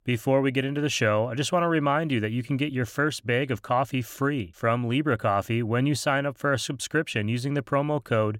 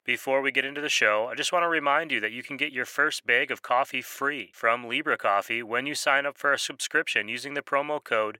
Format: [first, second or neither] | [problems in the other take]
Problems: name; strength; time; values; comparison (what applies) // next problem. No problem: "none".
first | thin; very; fading below 500 Hz